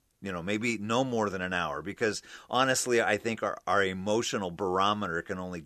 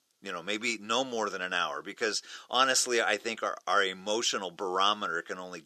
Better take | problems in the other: first | thin; somewhat; fading below 300 Hz

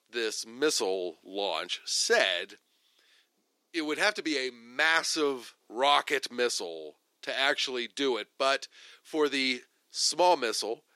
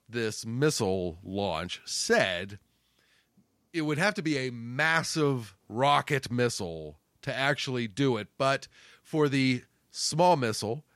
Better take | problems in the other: second | thin; somewhat; fading below 350 Hz

